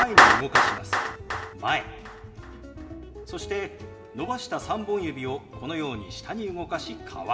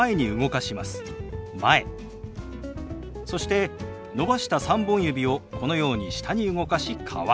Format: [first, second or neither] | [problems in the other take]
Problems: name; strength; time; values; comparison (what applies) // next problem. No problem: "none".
second | background sound (Clapping); 4 dB above the speech // room echo; dies away in 1.3 s